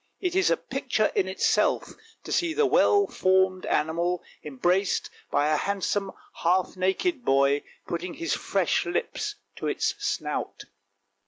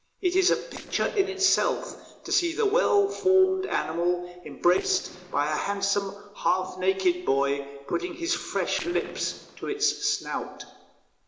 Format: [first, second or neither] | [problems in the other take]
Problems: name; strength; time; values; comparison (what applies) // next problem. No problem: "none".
first | noise reduction (neural separator model SepFormer DNS4)